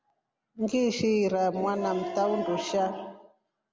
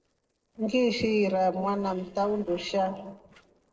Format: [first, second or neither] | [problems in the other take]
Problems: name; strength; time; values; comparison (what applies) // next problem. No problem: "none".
first | noise reduction (neural separator model SepFormer DNS4)